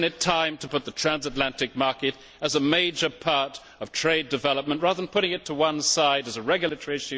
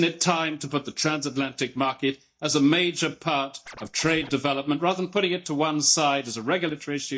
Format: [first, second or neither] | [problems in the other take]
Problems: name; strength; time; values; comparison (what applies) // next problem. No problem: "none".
first | noise reduction (neural mask model DeepFilterNet 3)